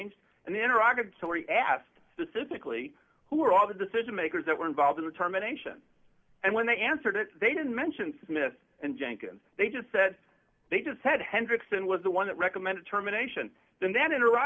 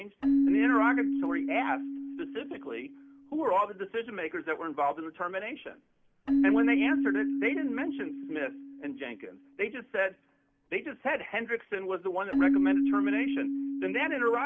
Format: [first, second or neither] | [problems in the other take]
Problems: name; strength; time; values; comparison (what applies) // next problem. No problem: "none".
first | background sound (Keyboard (musical)); 2 dB above the speech